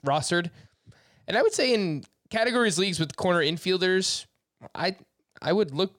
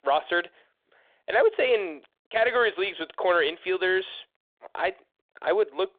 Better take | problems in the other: first | phone-call audio

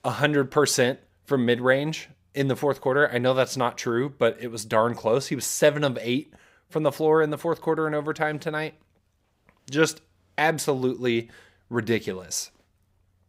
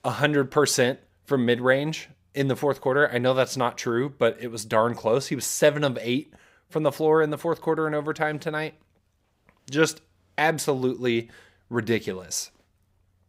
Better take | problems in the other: neither | none

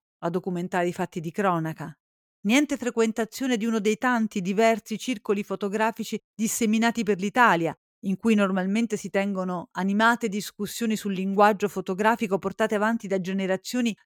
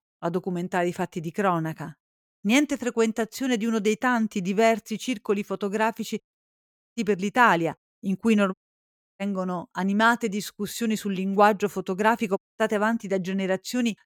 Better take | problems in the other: first | audio cutting out; at 6.5 s for 0.5 s, at 8.5 s for 0.5 s and at 12 s

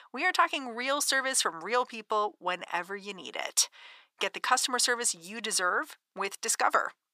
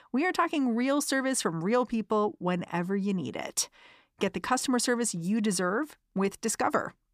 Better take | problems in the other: second | thin; very; fading below 700 Hz

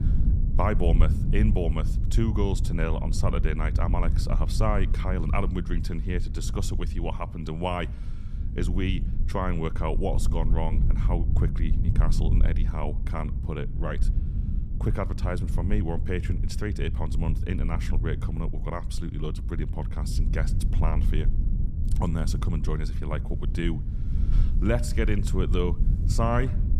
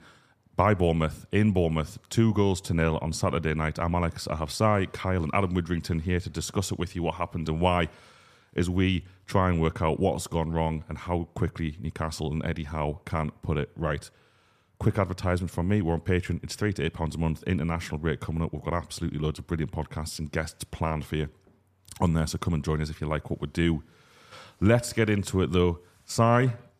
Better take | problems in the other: second | low rumble; noticeable; throughout; 10 dB below the speech

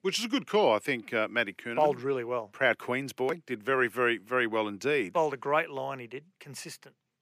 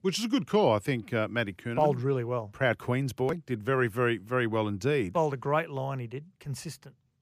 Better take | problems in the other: second | thin; very slightly; fading below 300 Hz

